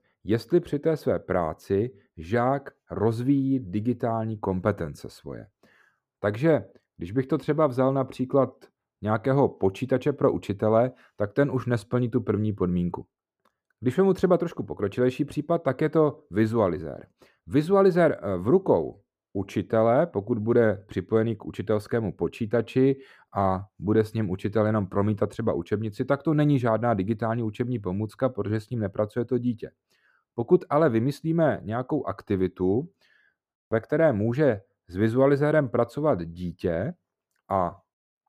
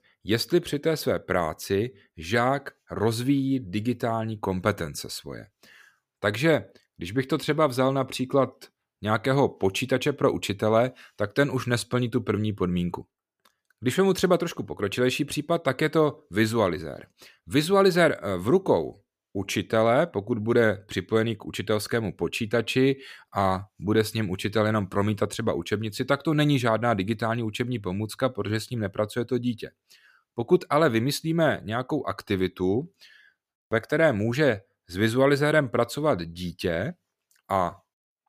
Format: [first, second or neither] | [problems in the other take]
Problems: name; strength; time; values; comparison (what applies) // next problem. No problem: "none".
second | muffled; slightly; fading above 1.5 kHz